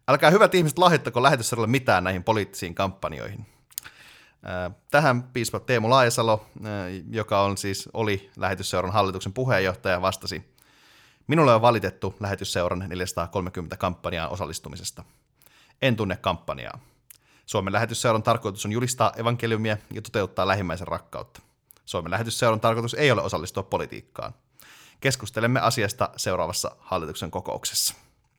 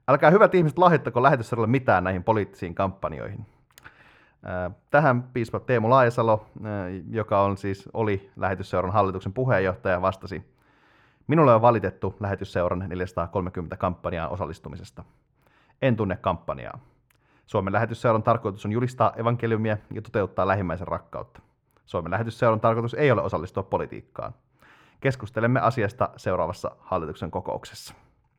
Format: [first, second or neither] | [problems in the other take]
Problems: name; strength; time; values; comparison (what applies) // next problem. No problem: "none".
first | muffled; very; fading above 3 kHz